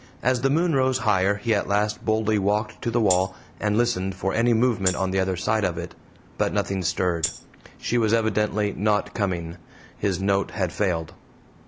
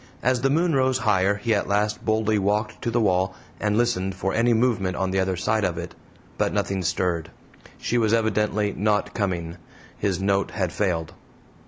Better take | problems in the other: second | background sound (Tambourine); 7 dB below the speech

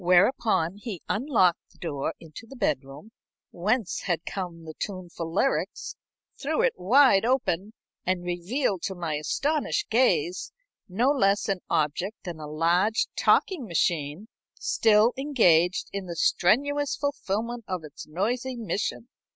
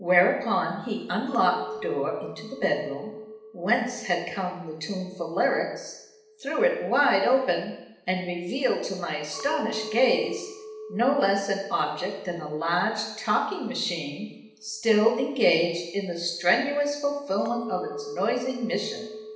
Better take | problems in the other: first | background sound (Chink, clink); 16 dB below the speech // room echo; dies away in 0.8 s

